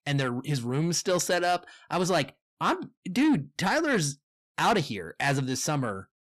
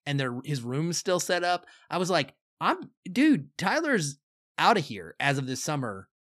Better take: second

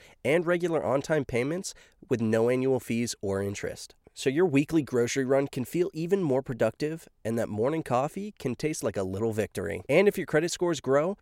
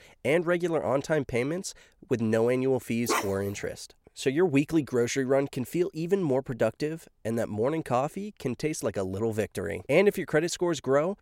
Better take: first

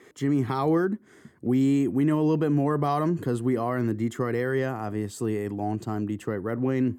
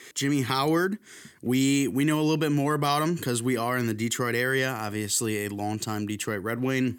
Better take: second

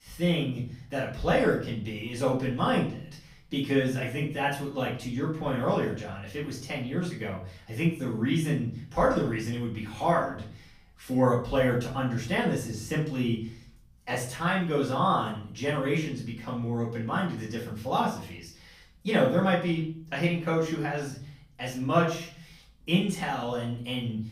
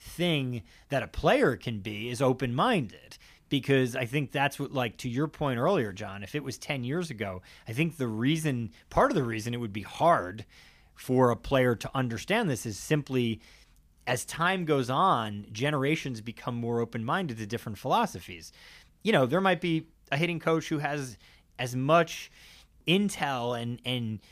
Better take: second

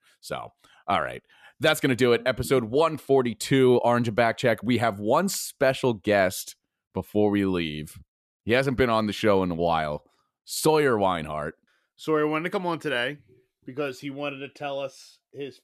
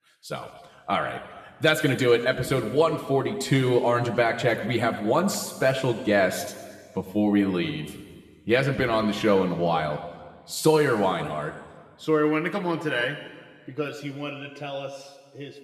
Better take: first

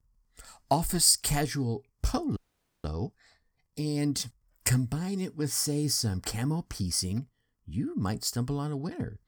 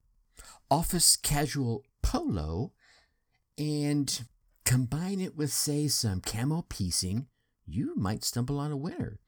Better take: second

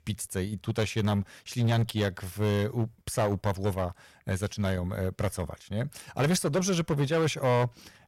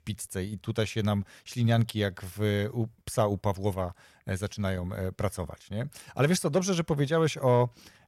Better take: second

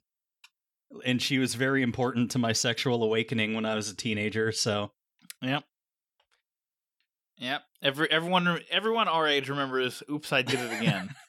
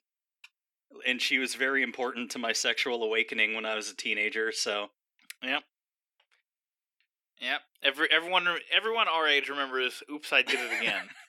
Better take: first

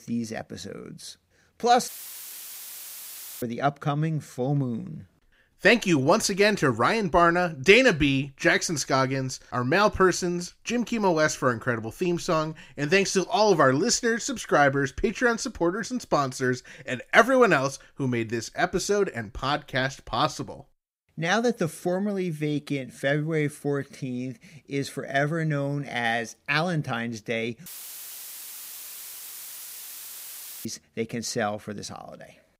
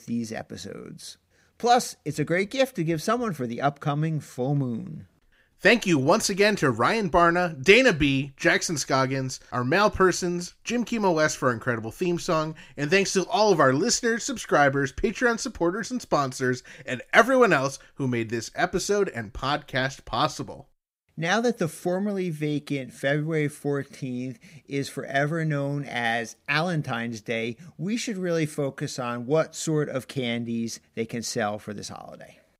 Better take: second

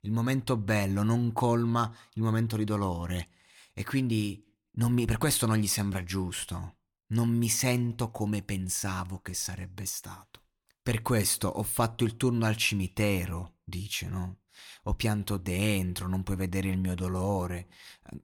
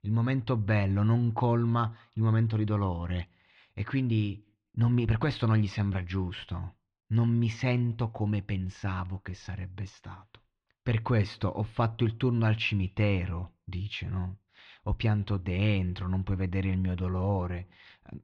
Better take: first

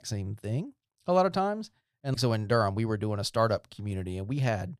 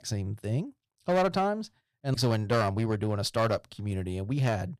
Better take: first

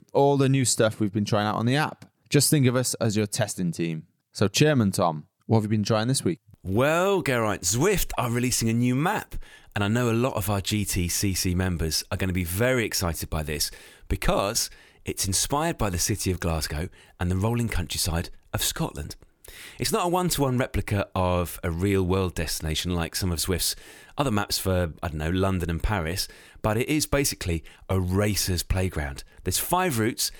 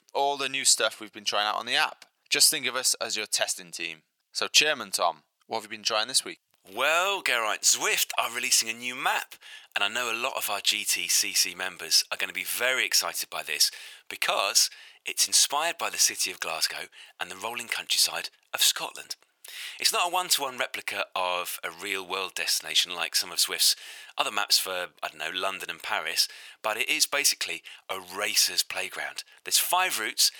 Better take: first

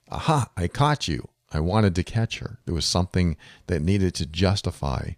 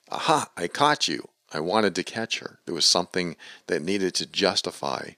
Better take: first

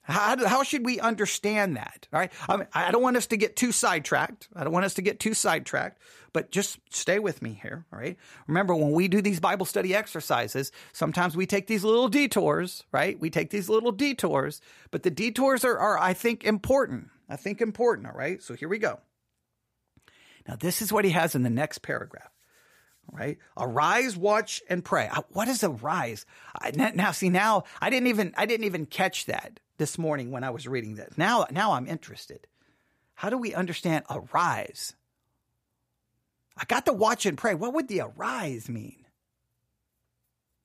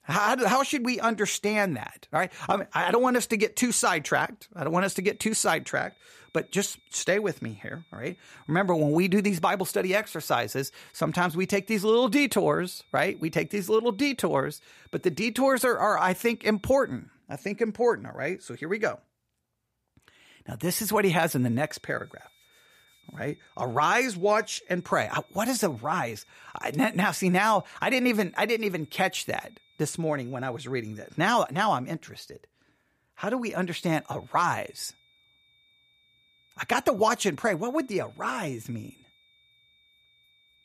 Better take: first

